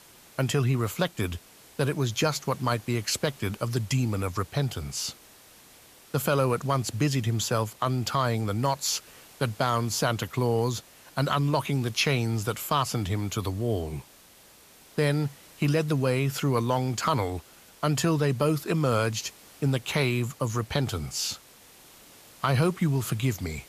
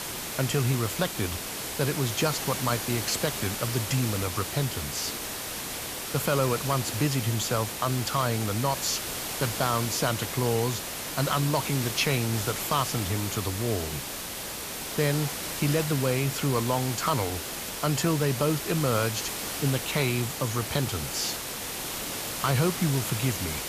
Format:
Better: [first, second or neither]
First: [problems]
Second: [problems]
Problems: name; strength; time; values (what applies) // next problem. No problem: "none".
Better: first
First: hiss; faint; throughout; 25 dB below the speech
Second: hiss; loud; throughout; 4 dB below the speech